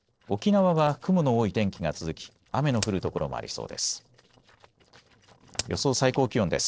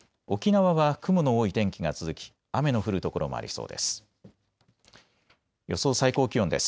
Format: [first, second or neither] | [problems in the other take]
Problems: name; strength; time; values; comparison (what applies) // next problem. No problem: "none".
second | noise reduction (neural separator model SepFormer DNS4)